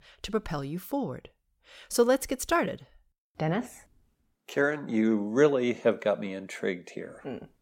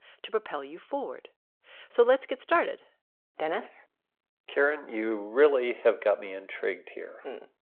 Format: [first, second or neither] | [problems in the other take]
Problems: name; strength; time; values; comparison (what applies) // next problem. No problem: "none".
first | phone-call audio